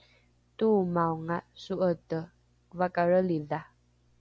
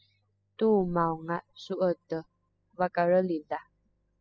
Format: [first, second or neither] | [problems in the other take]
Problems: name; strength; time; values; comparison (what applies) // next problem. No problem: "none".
first | noise reduction (classical method spectral subtraction)